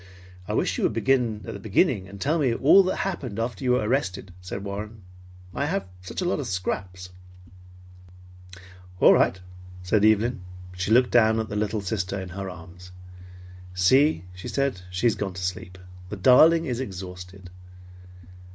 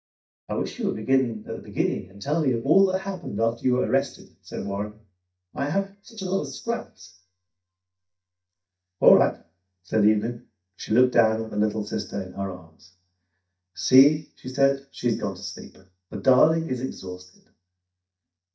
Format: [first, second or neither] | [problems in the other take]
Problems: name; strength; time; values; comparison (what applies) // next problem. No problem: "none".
first | noise reduction (neural mask model DeepFilterNet 3)